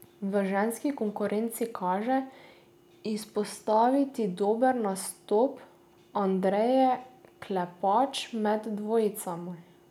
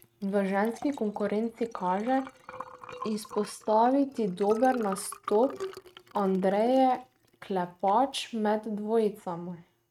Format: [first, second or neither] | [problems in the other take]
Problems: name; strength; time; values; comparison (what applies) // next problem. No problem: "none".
first | noise reduction (neural mask model RNNoise)